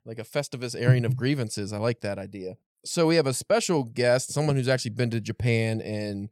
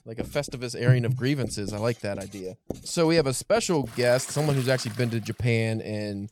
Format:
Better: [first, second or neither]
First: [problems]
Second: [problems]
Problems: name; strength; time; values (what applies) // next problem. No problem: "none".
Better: first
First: none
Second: household noises; noticeable; throughout; 15 dB below the speech